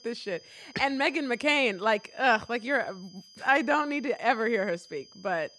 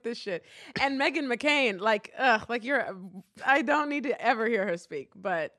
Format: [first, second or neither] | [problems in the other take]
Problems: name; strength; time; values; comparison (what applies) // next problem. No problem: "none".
second | high-pitched whine; faint; throughout; 5 kHz, 25 dB below the speech